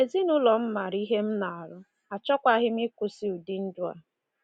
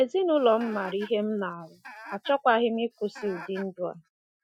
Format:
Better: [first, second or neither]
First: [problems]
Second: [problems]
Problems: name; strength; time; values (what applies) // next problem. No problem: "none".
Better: first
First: none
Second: noise reduction (classical method Wiener filter)